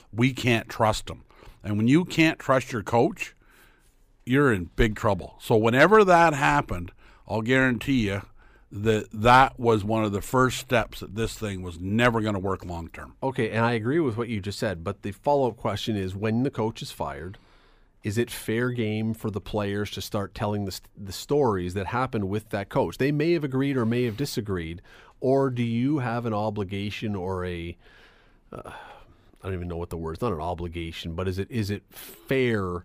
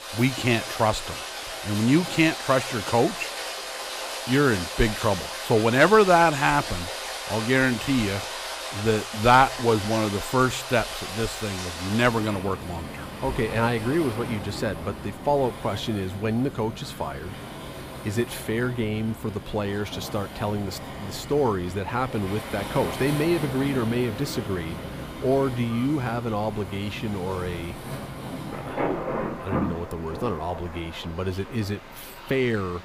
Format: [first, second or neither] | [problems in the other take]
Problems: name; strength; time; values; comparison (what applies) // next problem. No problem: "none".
first | rain or running water; loud; throughout; 8 dB below the speech